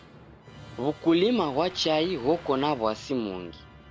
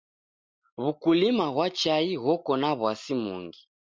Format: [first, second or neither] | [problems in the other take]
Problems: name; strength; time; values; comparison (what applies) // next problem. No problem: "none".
second | background sound (Waves, surf + Musical instrument); 19 dB below the speech